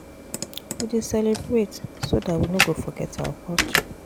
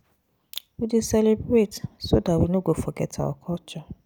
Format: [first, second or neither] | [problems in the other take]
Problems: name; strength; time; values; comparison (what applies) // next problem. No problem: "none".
second | background sound (Computer keyboard); 3 dB below the speech